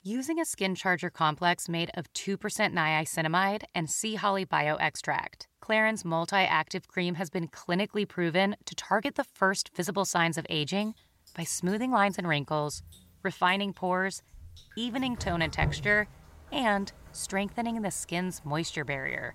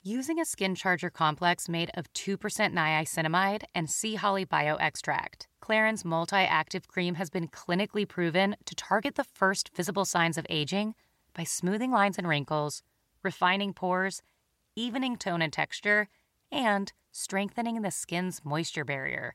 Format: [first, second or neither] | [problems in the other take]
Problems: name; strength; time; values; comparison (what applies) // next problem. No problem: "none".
second | rain or running water; noticeable; from 11 s on; 15 dB below the speech